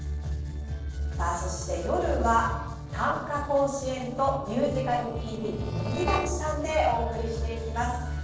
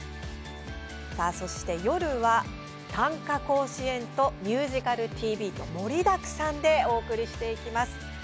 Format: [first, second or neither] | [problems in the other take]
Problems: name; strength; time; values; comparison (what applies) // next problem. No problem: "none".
second | noise reduction (neural separator model SepFormer DNS4)